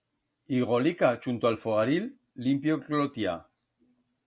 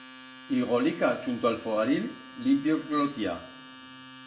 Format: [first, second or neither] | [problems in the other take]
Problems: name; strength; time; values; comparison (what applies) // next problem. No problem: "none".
first | background sound (Domestic sounds, home sounds); 18 dB below the speech // room echo; dies away in 0.7 s